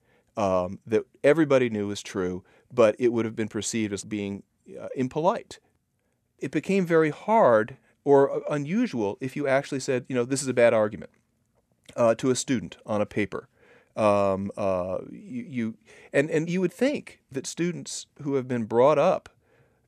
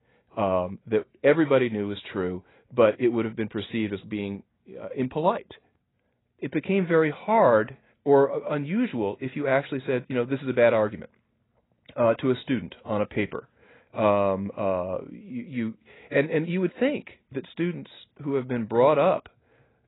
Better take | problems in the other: first | garbled, watery; badly; nothing above 4 kHz

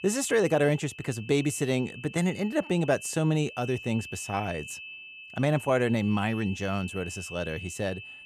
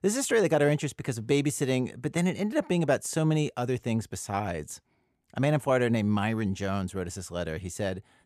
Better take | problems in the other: second | high-pitched whine; noticeable; throughout; 2.5 kHz, 15 dB below the speech

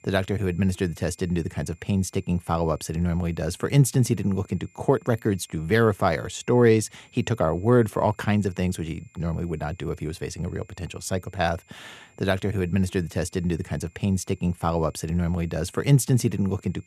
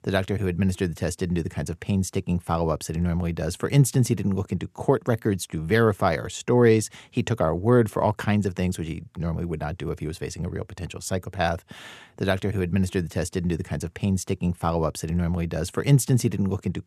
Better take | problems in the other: second | high-pitched whine; faint; throughout; 2.5 kHz, 35 dB below the speech

